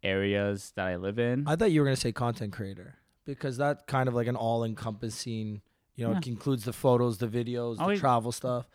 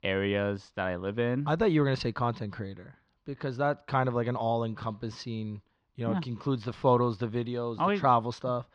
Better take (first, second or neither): first